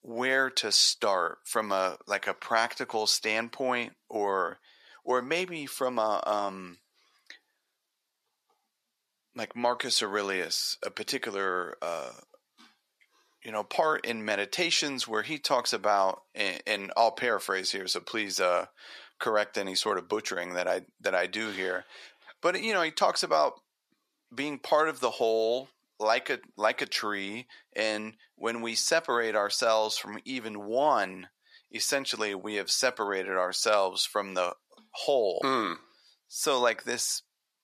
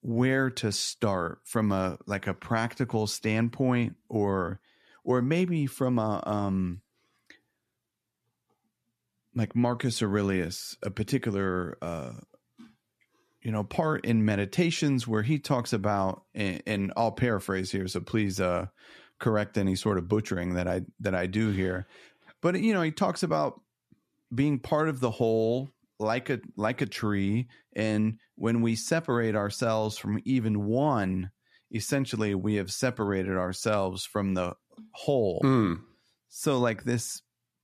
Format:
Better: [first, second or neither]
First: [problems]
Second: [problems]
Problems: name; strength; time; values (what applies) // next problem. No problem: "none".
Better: second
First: thin; very; fading below 650 Hz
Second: none